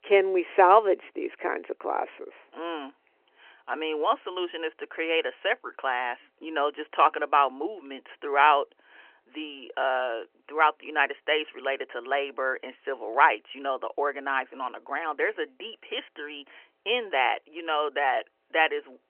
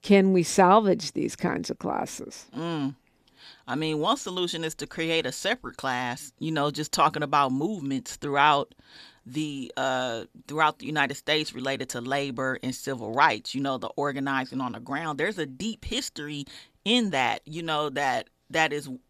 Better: second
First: phone-call audio; nothing above 3.5 kHz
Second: none

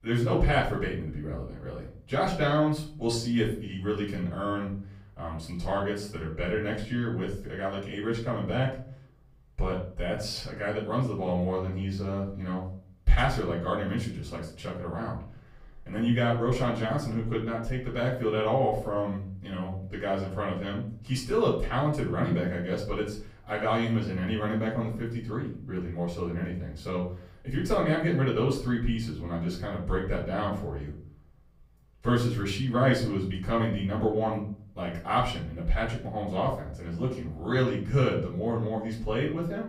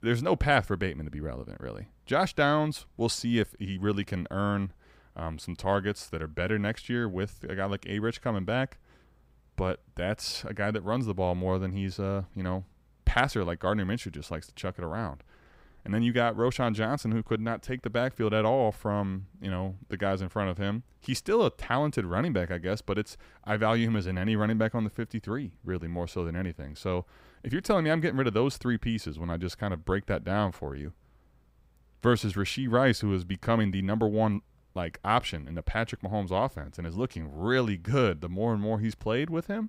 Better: second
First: off-mic speech; far // room echo; slight; dies away in 0.4 s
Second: none

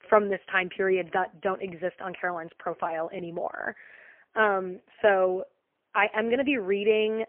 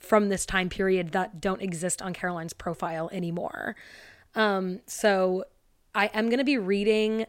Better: second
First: phone-call audio; poor line; nothing above 3 kHz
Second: none

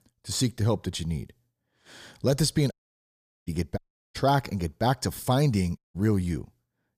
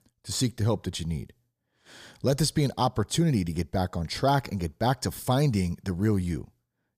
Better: second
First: audio cutting out; at 2.5 s for 0.5 s, at 4 s and at 6 s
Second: none

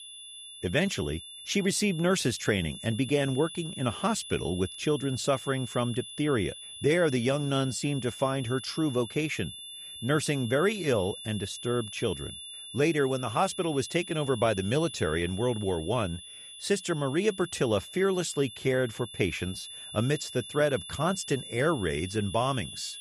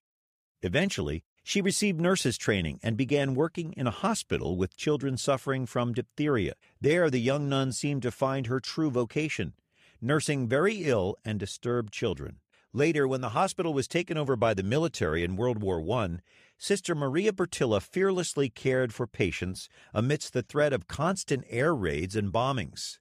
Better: second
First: high-pitched whine; noticeable; throughout; 3.5 kHz, 10 dB below the speech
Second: none

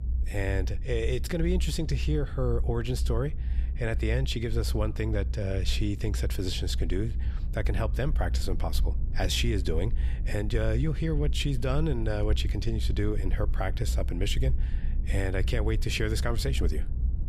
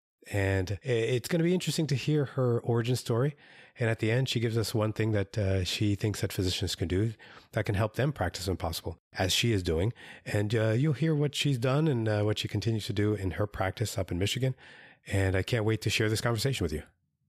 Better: second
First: low rumble; noticeable; throughout; 15 dB below the speech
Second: none

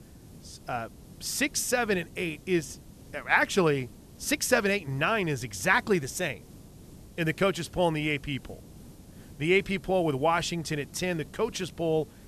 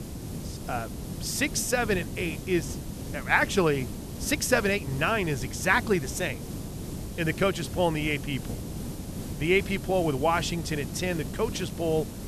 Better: first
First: hiss; faint; throughout; 20 dB below the speech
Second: hiss; loud; throughout; 9 dB below the speech

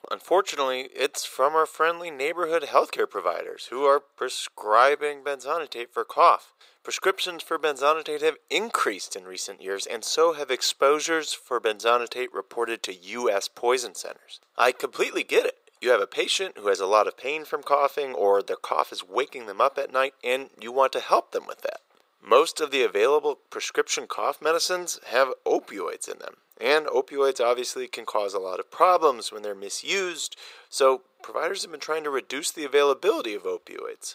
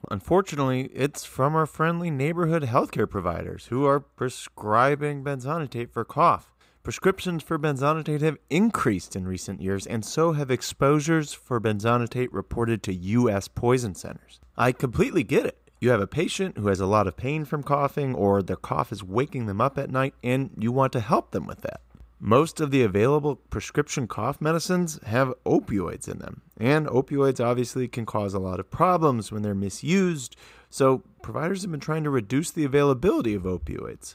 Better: second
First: thin; very; fading below 450 Hz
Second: none

